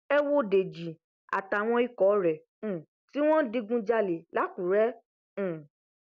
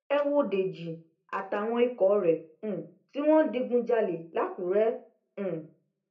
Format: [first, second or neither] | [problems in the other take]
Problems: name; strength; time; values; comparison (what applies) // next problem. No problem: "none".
first | room echo; dies away in 0.3 s